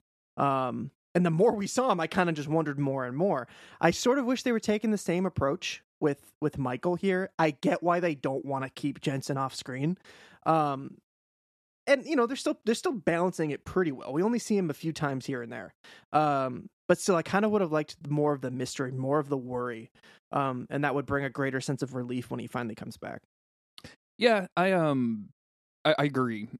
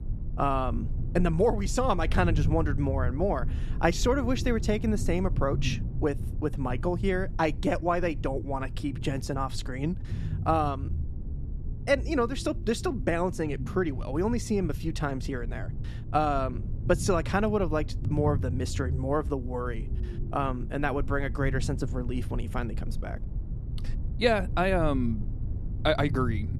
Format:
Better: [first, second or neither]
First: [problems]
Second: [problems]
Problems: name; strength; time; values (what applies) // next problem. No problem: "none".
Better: first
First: none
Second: low rumble; noticeable; throughout; 15 dB below the speech